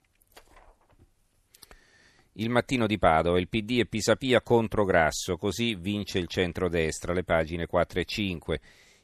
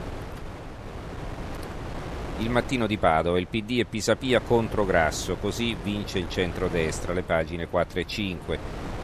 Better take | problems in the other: first | wind noise on the microphone; occasional gusts; 15 dB below the speech

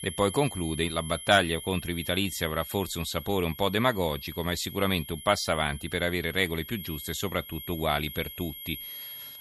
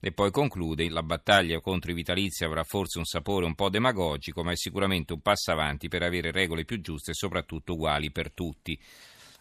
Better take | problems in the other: second | high-pitched whine; noticeable; throughout; 11.5 kHz, 10 dB below the speech

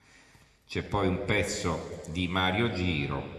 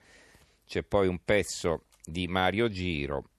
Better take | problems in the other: second | room echo; slight; dies away in 1.9 s

